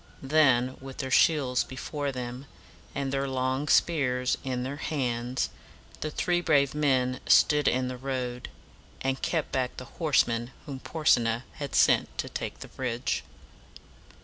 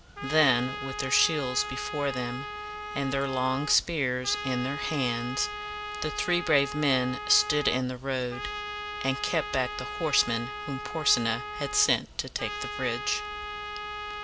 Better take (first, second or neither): first